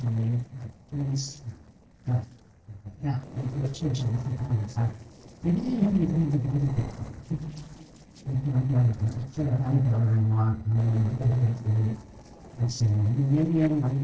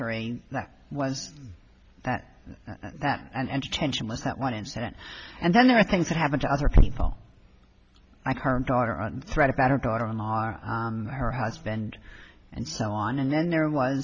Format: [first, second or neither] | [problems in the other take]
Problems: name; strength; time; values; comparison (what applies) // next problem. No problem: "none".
second | noise reduction (neural separator model SepFormer DNS4)